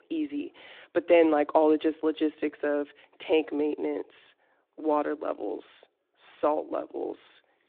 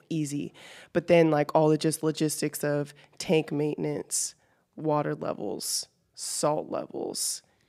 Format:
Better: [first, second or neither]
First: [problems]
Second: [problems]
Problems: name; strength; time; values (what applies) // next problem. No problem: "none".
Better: second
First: phone-call audio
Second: none